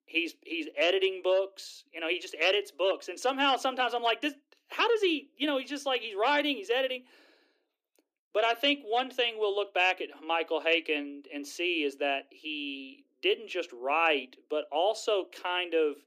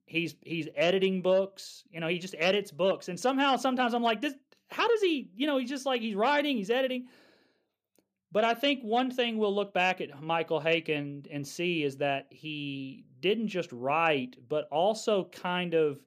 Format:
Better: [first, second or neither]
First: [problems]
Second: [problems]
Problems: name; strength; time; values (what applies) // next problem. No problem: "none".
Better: second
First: thin; very slightly; fading below 300 Hz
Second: none